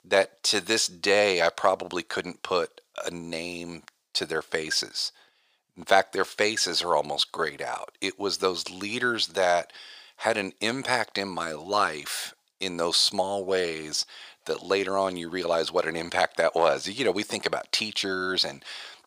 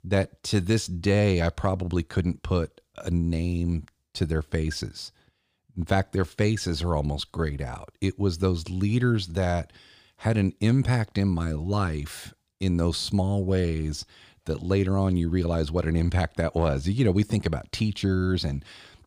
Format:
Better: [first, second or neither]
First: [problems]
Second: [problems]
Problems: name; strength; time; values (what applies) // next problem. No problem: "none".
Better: second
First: thin; very; fading below 650 Hz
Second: none